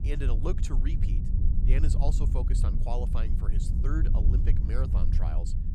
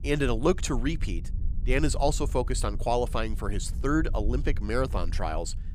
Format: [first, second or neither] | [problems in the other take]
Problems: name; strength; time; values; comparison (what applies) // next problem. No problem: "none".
second | low rumble; loud; throughout; 4 dB below the speech; faint in the second